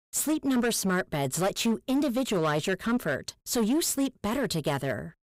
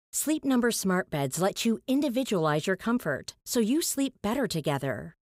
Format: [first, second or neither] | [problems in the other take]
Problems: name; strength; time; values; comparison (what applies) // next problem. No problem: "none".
second | distortion; slight; 12% of the sound clipped